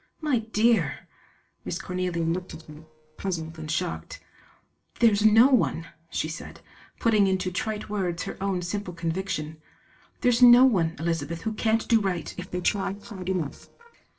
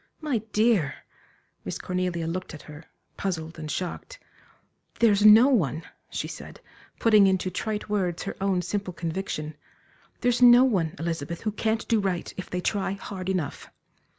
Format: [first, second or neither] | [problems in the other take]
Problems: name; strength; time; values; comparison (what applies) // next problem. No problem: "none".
second | noise reduction (neural separator model SepFormer DNS4)